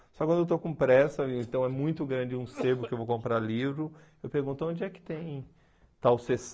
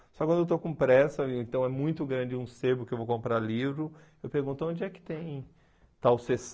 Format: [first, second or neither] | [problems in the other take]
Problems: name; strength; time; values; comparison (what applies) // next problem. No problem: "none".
second | background sound (Cough); 16 dB below the speech